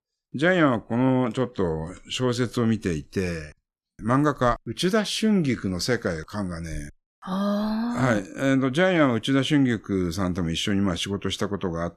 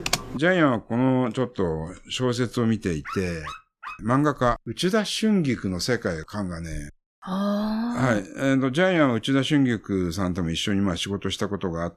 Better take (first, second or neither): first